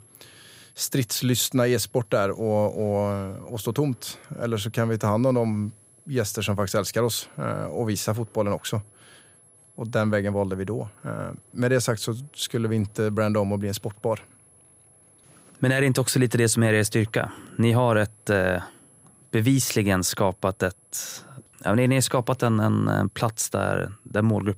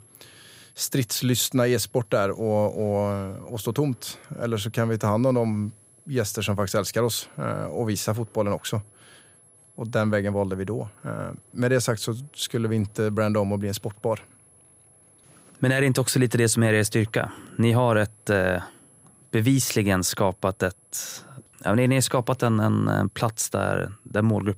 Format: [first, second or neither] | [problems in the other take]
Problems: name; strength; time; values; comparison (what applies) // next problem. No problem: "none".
neither | high-pitched whine; faint; throughout; 11 kHz, 30 dB below the speech; the same in both